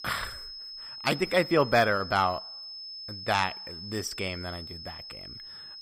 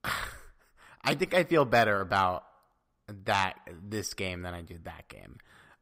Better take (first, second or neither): second